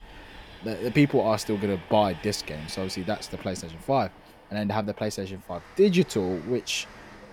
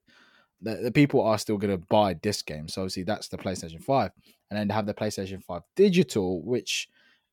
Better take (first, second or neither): second